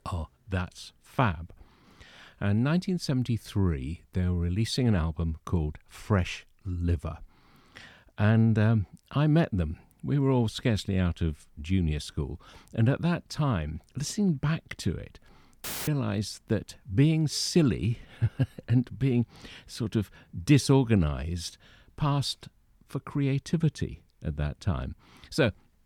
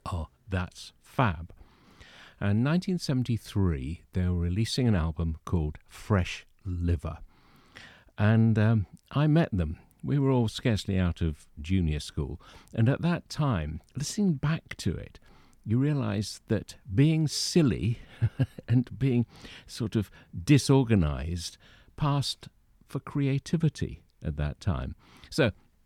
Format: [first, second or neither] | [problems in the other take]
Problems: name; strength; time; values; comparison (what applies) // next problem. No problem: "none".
second | audio cutting out; filled with static; at 16 s